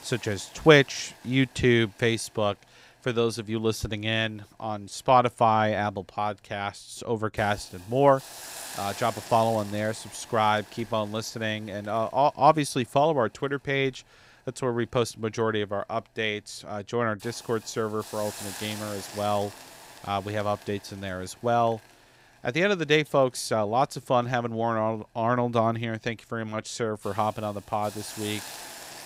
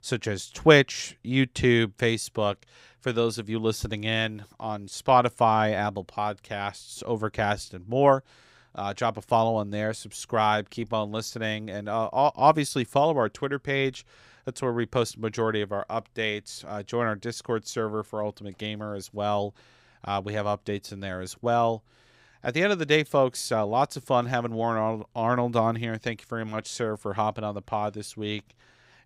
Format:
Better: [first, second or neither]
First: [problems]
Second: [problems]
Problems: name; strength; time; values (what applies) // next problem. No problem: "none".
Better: second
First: hiss; noticeable; throughout; 15 dB below the speech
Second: none